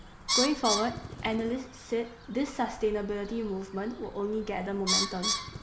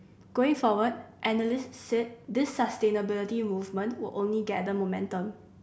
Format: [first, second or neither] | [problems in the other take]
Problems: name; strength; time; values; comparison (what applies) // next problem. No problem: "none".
second | background sound (Bird); 3 dB below the speech